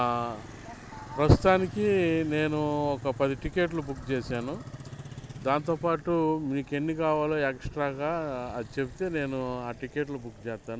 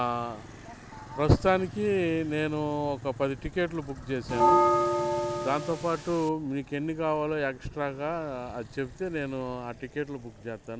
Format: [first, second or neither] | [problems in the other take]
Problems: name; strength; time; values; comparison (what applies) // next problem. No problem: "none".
first | background sound (Bell); 4 dB above the speech